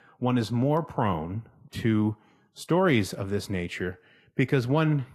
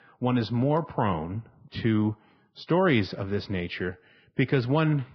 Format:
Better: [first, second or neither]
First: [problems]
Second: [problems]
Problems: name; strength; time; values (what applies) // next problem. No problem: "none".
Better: first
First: garbled, watery; slightly; nothing above 13 kHz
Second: garbled, watery; badly; nothing above 5 kHz